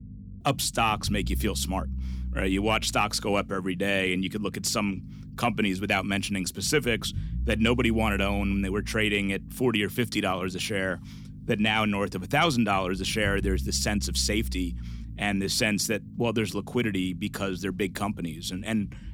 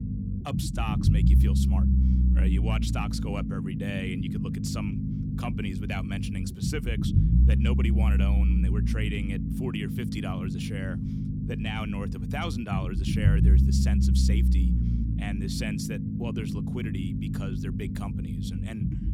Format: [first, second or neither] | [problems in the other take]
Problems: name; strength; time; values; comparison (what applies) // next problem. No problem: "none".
first | low rumble; loud; throughout; 1 dB below the speech; faint in the first